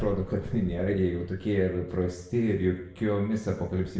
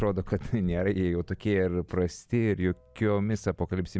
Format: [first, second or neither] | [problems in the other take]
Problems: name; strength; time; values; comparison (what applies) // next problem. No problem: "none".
second | room echo; dies away in 0.8 s